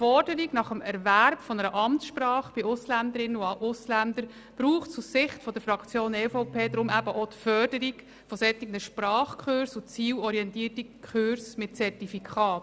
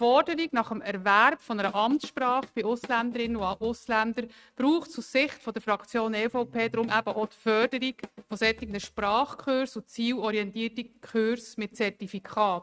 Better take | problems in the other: first | noise reduction (neural mask model RNNoise)

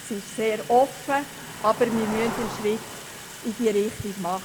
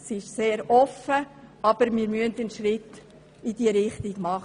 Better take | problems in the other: second | background sound (Cricket + Sink (filling or washing) / Water tap, faucet); 11 dB below the speech

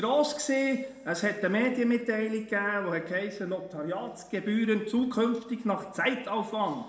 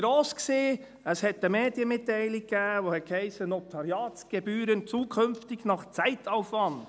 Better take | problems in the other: second | room echo; dies away in 0.9 s

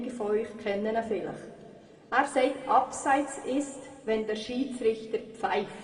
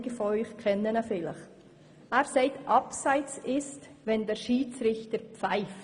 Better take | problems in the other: second | room echo; dies away in 1.7 s

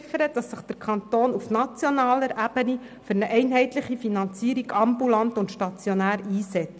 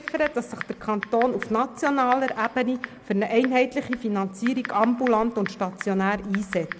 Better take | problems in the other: first | background sound (Typing); 14 dB below the speech

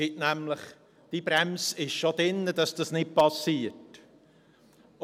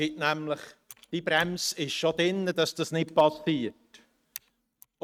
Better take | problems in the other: first | noise reduction (neural mask model RNNoise)

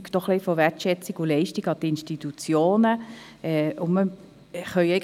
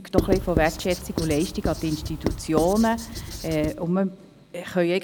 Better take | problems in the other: first | background sound (Writing); 4 dB below the speech

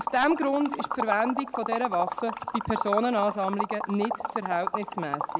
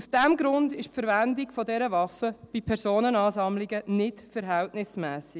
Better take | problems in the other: second | background sound (Liquid); 4 dB below the speech

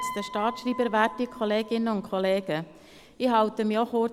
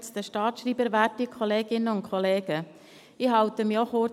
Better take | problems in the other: second | background sound (Piano); 16 dB below the speech

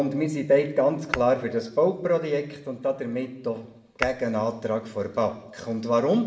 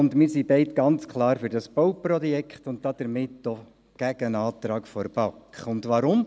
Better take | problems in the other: second | background sound (Tap / Hammer); 15 dB below the speech // room echo; dies away in 0.7 s

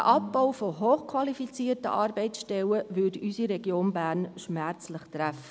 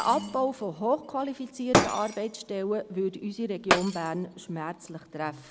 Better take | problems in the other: first | background sound (Shatter); 2 dB below the speech

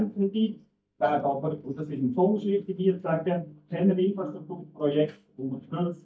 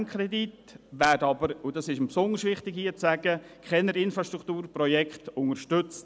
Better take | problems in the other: second | noise reduction (neural mask model DeepFilterNet 3)

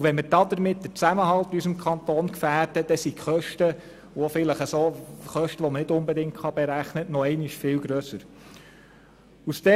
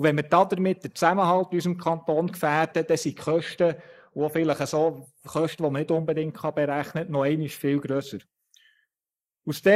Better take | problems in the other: first | noise reduction (neural mask model Resemble Enhance denoiser)

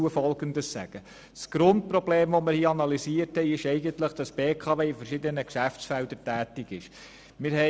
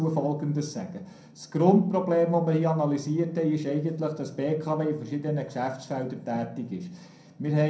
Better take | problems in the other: first | room echo; dies away in 0.5 s

